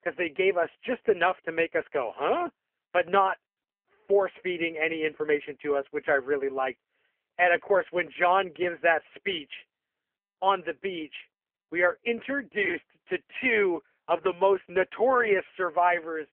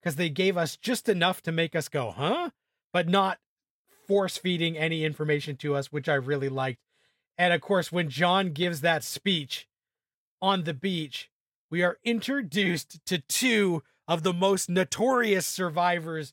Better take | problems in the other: second | phone-call audio; poor line; nothing above 3 kHz

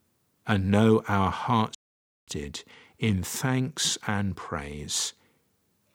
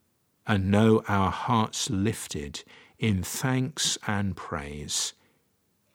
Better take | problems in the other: second | audio cutting out; at 2 s for 0.5 s

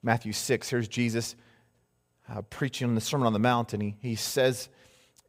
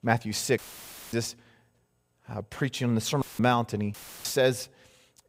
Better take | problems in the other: first | audio cutting out; filled with static; at 0.5 s for 0.5 s, at 3 s and at 4 s

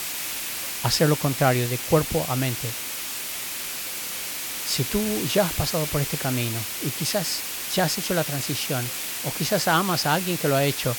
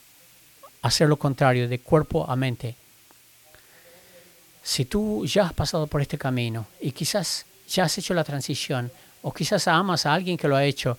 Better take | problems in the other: second | hiss; loud; throughout; 3 dB below the speech; faint in the second

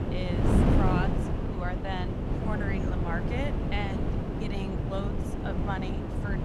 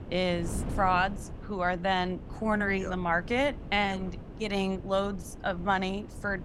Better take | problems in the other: second | wind noise on the microphone; heavy; 1 dB above the speech; occasional gusts in the second

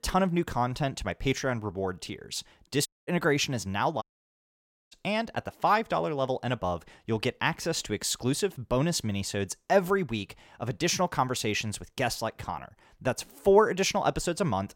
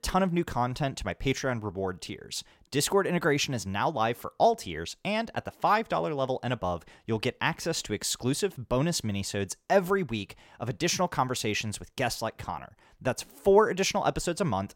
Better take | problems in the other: second | audio cutting out; at 3 s and at 4 s for 1 s

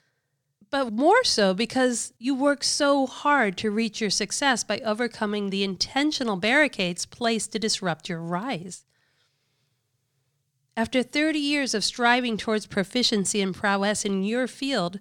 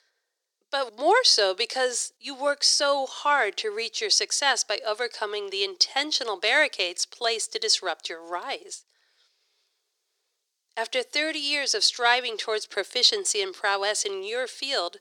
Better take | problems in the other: first | thin; very; fading below 350 Hz

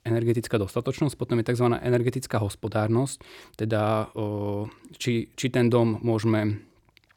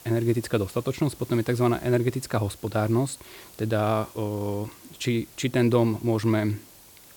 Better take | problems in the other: first | hiss; faint; throughout; 20 dB below the speech

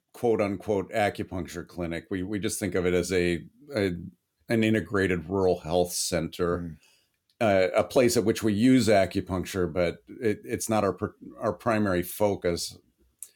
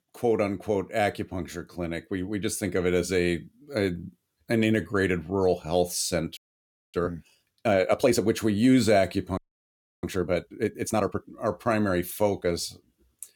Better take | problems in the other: first | audio freezing; at 6.5 s for 0.5 s and at 9.5 s for 0.5 s

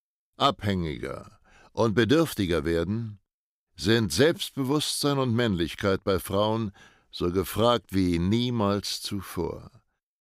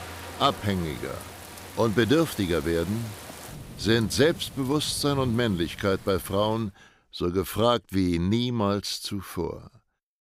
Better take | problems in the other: first | rain or running water; noticeable; until 6.5 s; 15 dB below the speech

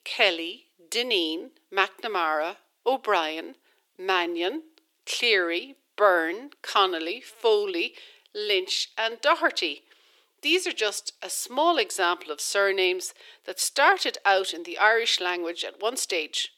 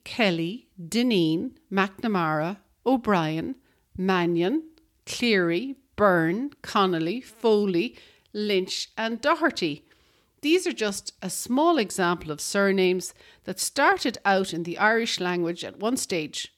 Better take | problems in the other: second | thin; very; fading below 400 Hz

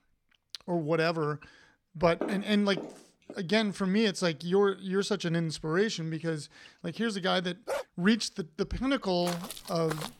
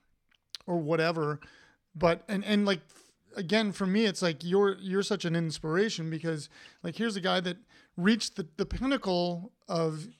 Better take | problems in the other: second | footsteps; noticeable; from 2 to 3.5 s and at 9.5 s; peak 7 dB below the speech // dog barking; noticeable; at 7.5 s; peak 7 dB below the speech

